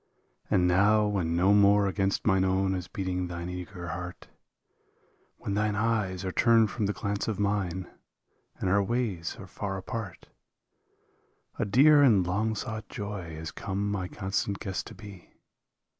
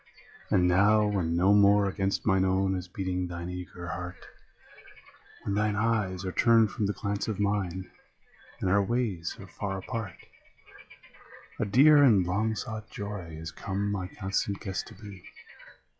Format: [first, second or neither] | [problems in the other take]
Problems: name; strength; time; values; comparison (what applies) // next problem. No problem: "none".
first | noise reduction (classical method log-MMSE)